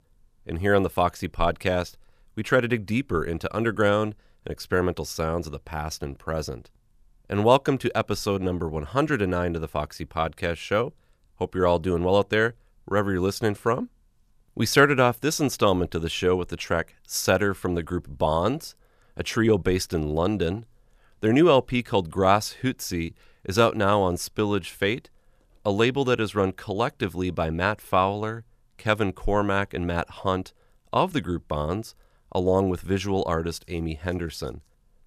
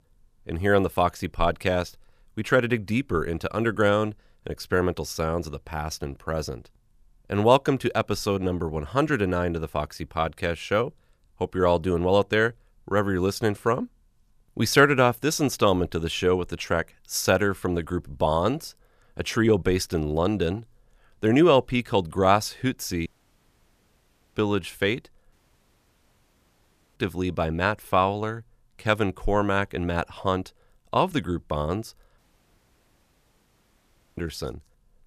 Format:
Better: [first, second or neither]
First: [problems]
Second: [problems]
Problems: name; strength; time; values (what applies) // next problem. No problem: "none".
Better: first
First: none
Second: audio cutting out; at 23 s for 1.5 s, at 25 s for 1.5 s and at 32 s for 2 s